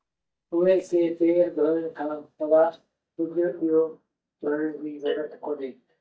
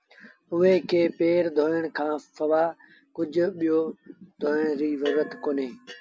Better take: second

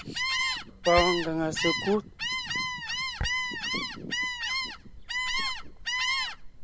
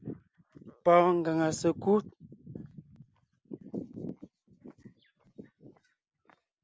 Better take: second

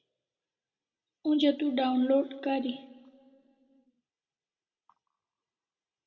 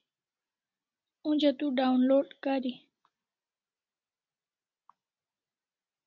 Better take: second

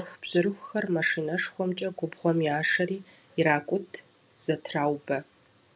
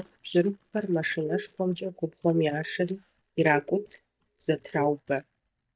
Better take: first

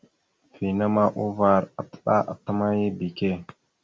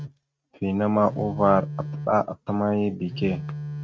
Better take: first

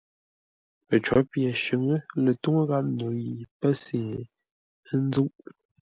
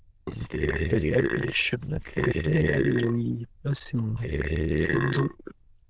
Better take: first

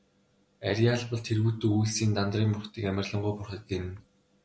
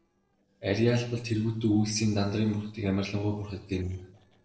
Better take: first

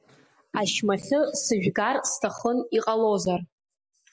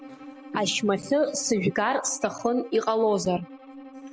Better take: first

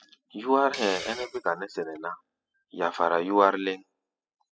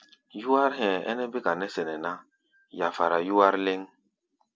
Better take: second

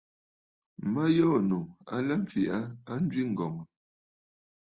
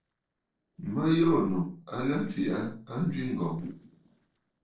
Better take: first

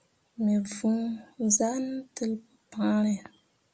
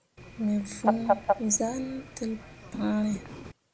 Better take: first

